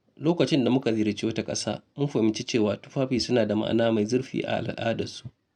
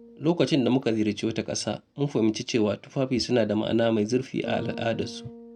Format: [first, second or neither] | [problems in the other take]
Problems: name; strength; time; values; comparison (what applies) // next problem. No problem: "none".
first | background sound (Bass guitar); 18 dB below the speech